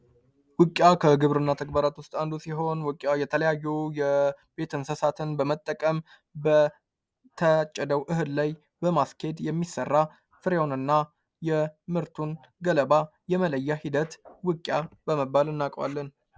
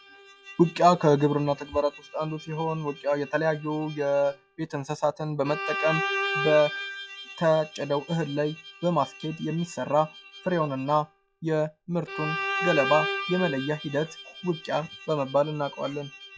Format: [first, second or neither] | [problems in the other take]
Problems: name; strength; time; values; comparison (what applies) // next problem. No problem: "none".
first | noise reduction (classical method log-MMSE)